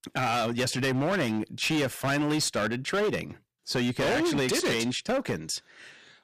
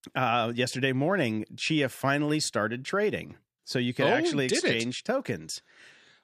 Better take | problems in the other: second | distortion; heavy; 20% of the sound clipped

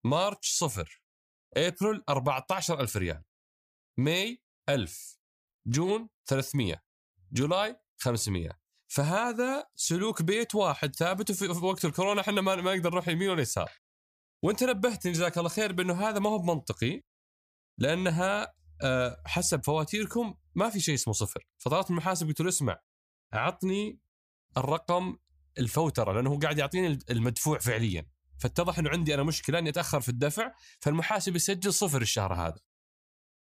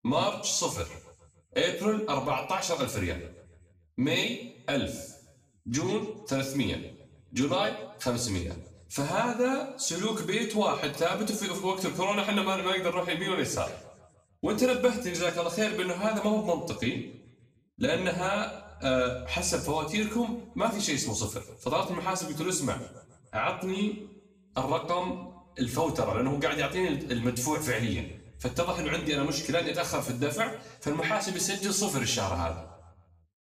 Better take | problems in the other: first | room echo; slight; dies away in 0.8 s // off-mic speech; far

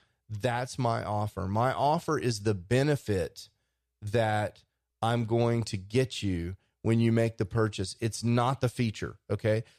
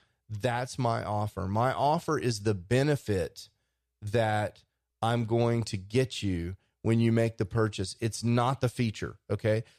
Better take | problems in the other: neither | none

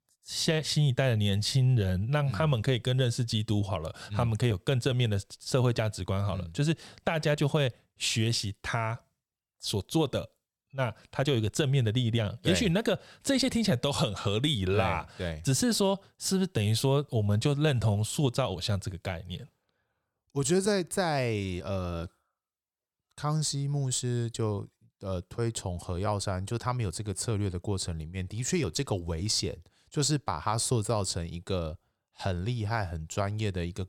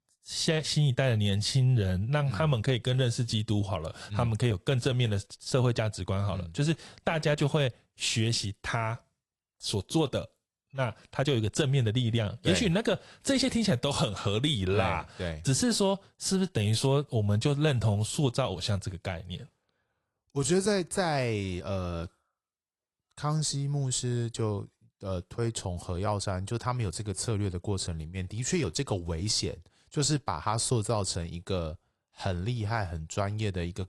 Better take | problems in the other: first | garbled, watery; slightly

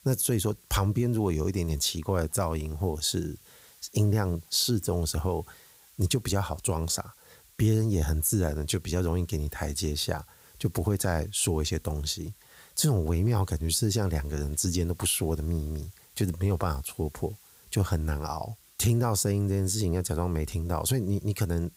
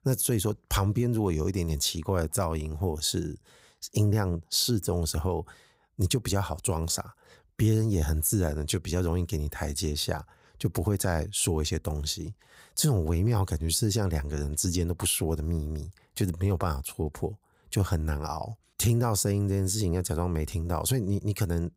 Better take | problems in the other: second | hiss; faint; throughout; 25 dB below the speech

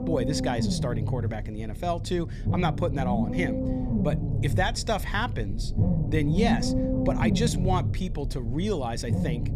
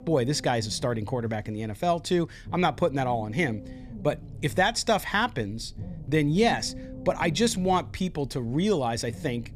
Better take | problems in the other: second | low rumble; loud; throughout; 5 dB below the speech; faint in the second

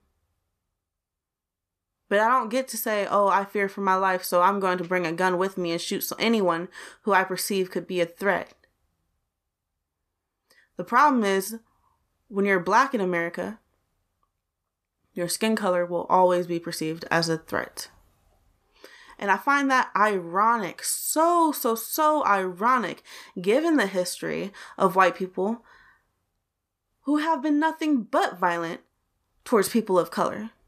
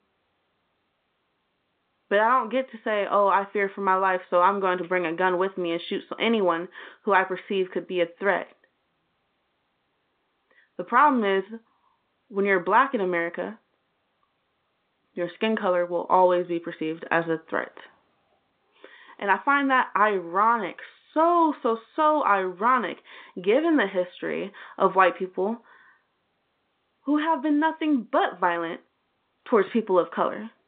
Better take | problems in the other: first | phone-call audio

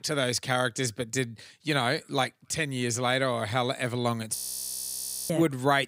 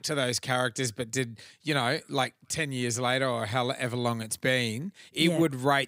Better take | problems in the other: second | audio freezing; at 4.5 s for 1 s

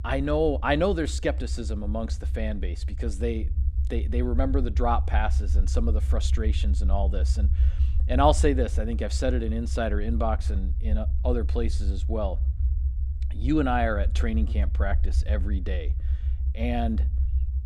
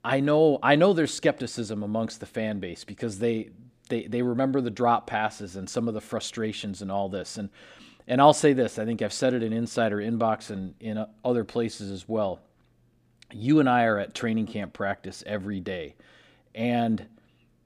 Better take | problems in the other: second | low rumble; noticeable; throughout; 15 dB below the speech

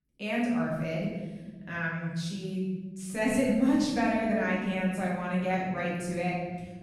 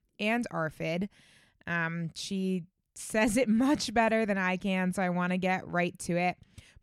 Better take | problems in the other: second | off-mic speech; far // room echo; noticeable; dies away in 1.8 s

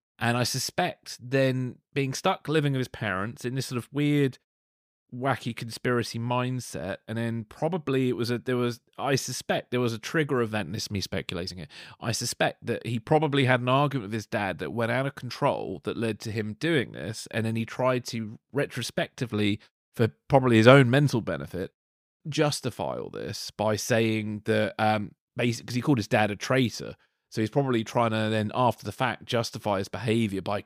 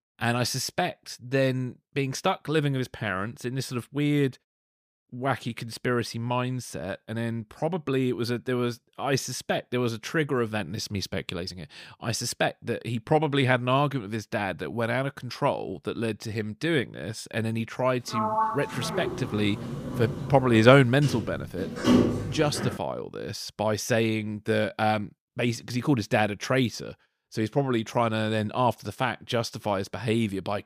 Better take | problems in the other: first | door banging; loud; from 18 to 23 s; peak 6 dB above the speech

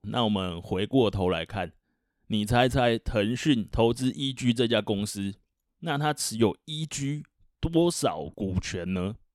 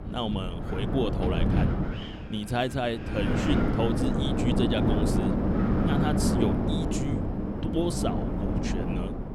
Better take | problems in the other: first | wind noise on the microphone; heavy; 1 dB above the speech

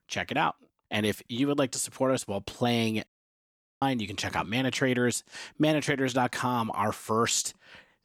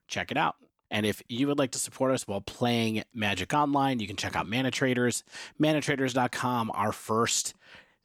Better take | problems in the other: second | audio cutting out; at 3 s for 1 s

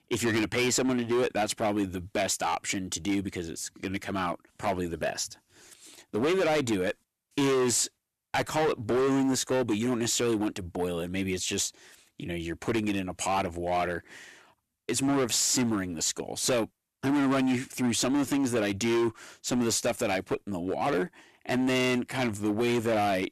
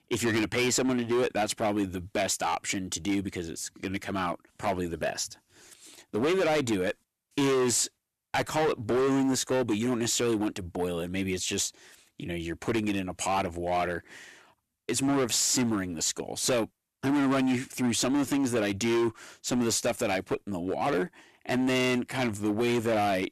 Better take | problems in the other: neither | distortion; heavy; 14% of the sound clipped; the same in both

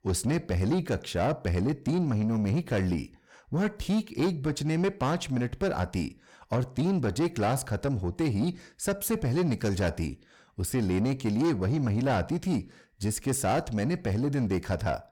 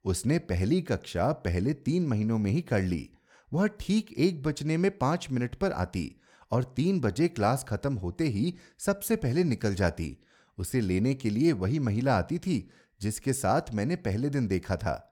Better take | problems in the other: second | distortion; slight; 10 dB below the speech

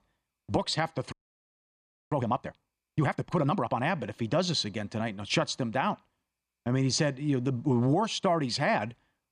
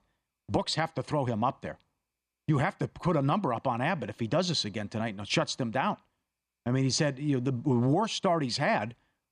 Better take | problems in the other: second | audio freezing; at 1 s for 1 s

